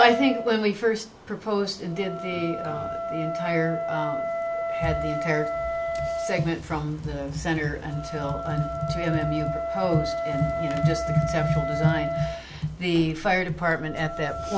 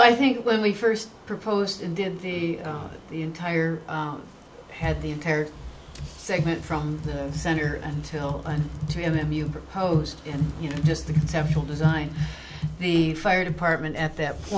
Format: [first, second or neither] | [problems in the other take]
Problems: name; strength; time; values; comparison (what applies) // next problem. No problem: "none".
second | background sound (Wind instrument, woodwind instrument); 5 dB below the speech